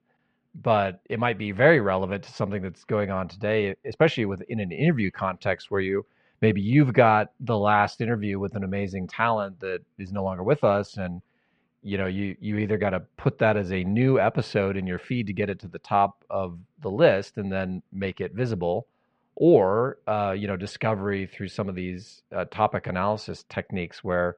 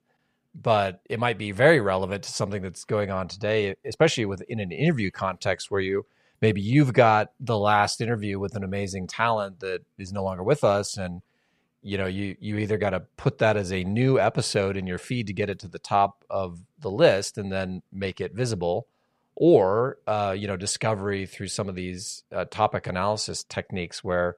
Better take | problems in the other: second | muffled; slightly; fading above 2.5 kHz

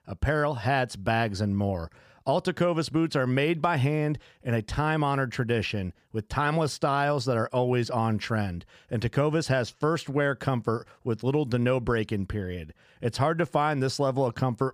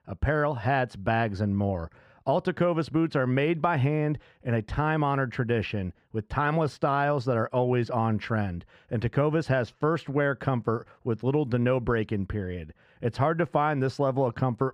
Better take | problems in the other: first | muffled; slightly; fading above 3.5 kHz

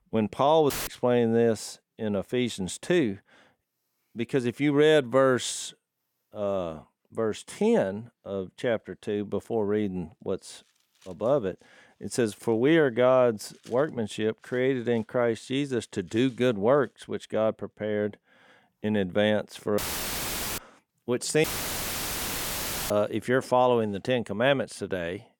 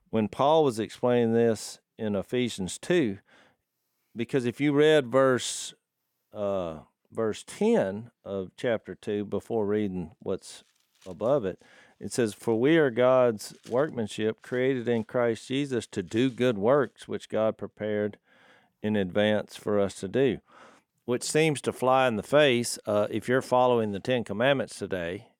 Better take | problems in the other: second | audio cutting out; filled with static; at 0.5 s, at 20 s for 1 s and at 21 s for 1.5 s

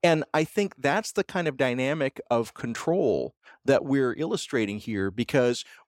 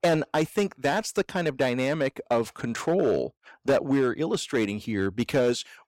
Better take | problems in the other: first | distortion; slight; 4% of the sound clipped

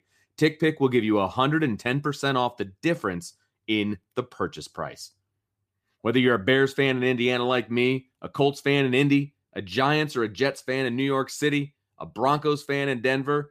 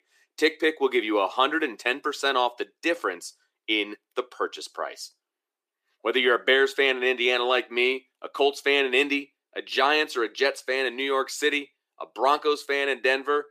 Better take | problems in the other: first | thin; somewhat; fading below 350 Hz

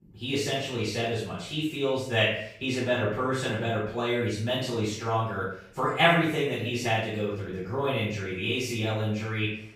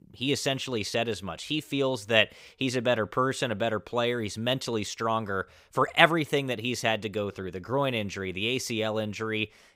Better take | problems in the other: second | off-mic speech; far // room echo; noticeable; dies away in 0.5 s

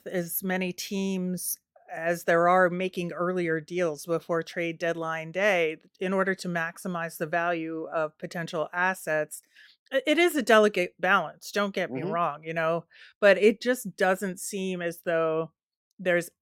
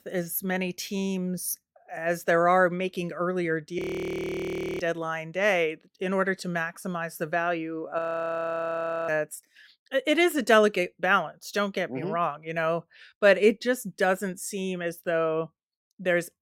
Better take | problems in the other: first | audio freezing; at 4 s for 1 s and at 8 s for 1 s

